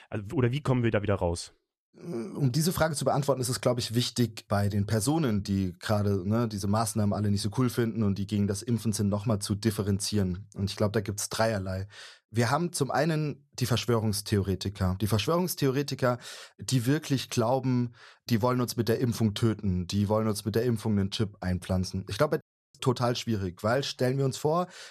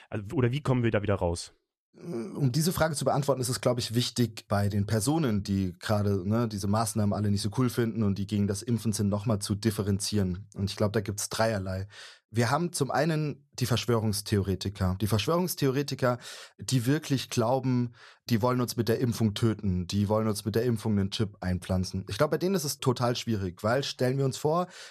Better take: second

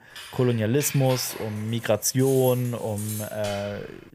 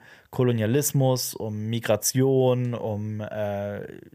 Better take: second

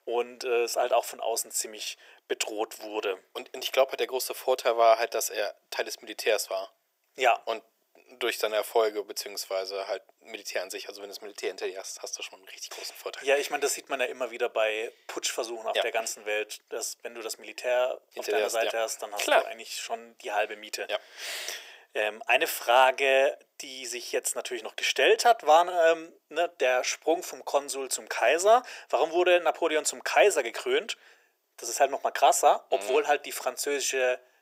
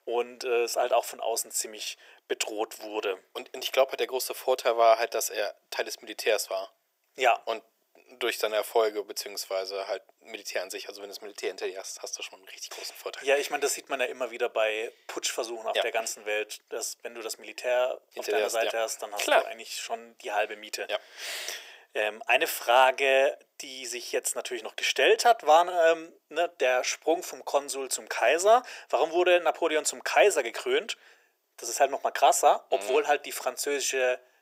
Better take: neither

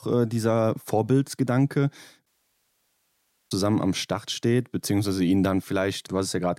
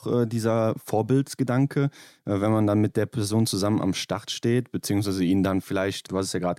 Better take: second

